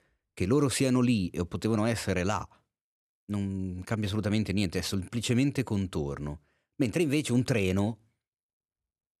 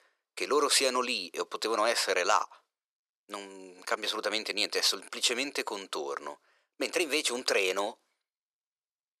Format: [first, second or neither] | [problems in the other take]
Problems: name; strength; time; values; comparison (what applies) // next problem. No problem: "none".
first | thin; very; fading below 450 Hz